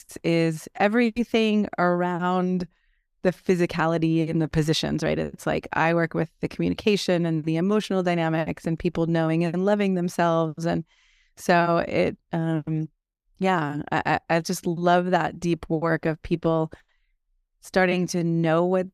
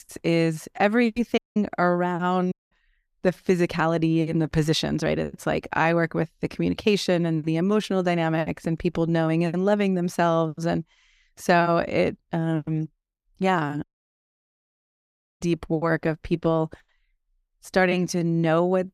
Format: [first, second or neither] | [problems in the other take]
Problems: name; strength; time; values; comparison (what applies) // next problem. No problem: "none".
first | audio cutting out; at 1.5 s, at 2.5 s and at 14 s for 1.5 s